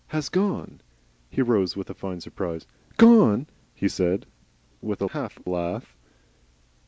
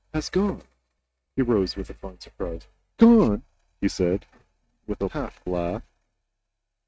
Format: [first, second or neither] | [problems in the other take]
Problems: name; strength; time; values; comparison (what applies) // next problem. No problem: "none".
first | noise reduction (neural mask model RNNoise)